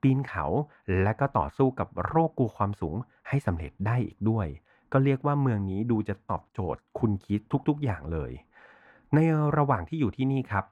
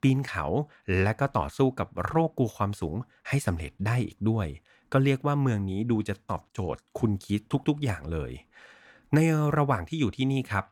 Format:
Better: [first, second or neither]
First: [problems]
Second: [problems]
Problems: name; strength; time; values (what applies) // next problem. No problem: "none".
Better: second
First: muffled; very; fading above 3 kHz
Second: none